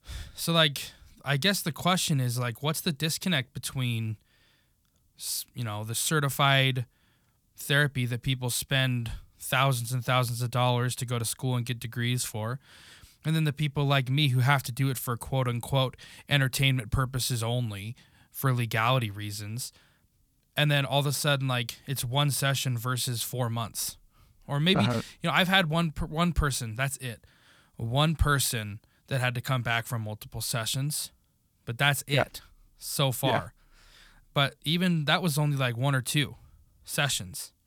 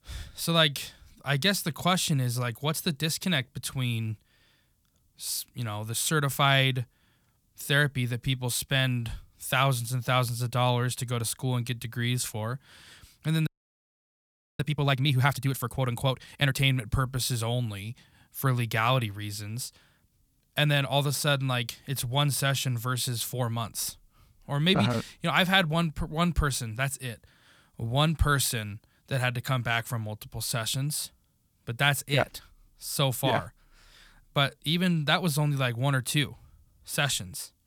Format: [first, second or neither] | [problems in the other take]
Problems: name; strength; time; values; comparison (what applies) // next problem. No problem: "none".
first | audio freezing; at 13 s for 1 s